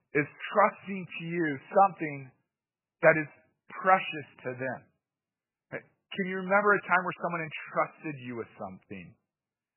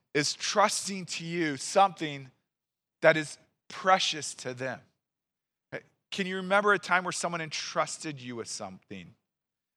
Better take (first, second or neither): second